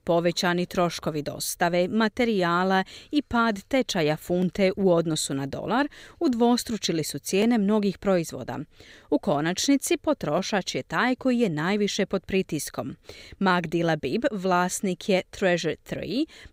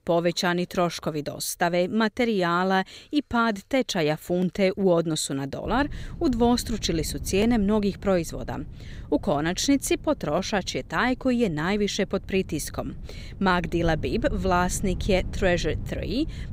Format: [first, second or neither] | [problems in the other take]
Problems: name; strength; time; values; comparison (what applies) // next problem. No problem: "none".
first | low rumble; faint; from 5.5 s on; 25 dB below the speech